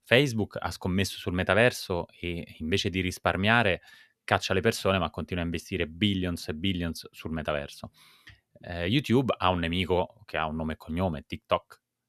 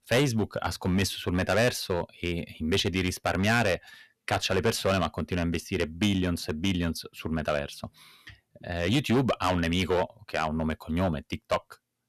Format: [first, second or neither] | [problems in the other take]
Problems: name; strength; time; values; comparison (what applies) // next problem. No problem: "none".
first | distortion; heavy; 6% of the sound clipped